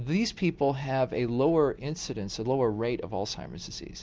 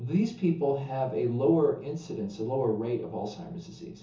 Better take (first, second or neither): first